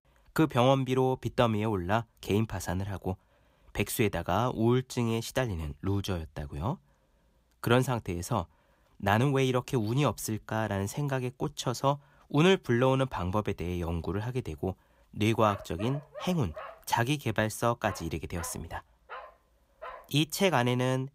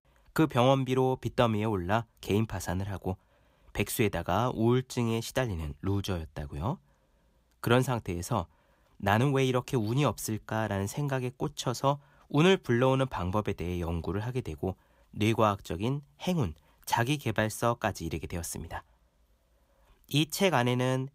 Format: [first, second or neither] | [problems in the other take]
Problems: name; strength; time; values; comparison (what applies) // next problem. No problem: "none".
second | dog barking; faint; from 15 to 20 s; peak 15 dB below the speech